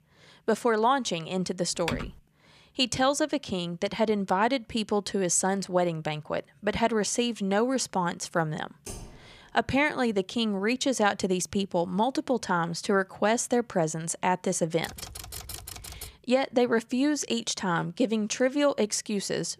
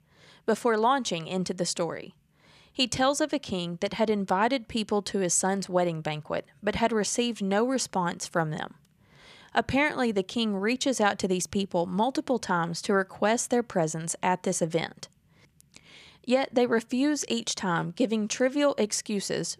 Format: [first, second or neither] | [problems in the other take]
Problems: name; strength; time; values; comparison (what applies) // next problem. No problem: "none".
second | keyboard typing; noticeable; at 2 s; peak 7 dB below the speech // keyboard typing; faint; at 9 s and from 15 to 16 s; peak 10 dB below the speech